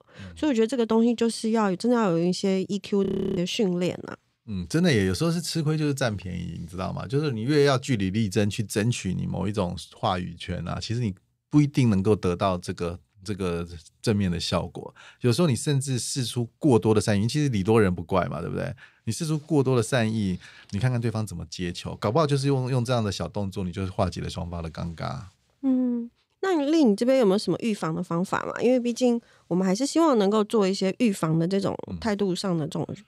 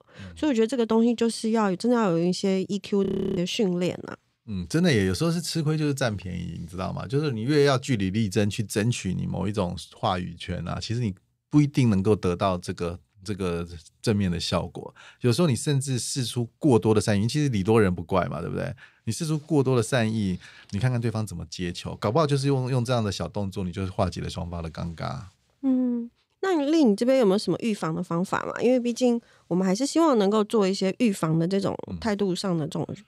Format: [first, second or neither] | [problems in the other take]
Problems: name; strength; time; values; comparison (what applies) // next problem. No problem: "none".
neither | audio freezing; at 3 s; the same in both